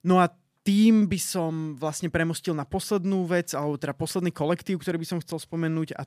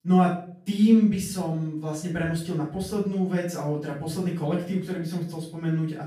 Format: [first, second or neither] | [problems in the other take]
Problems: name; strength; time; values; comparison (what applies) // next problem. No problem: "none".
first | off-mic speech; far // room echo; noticeable; dies away in 0.5 s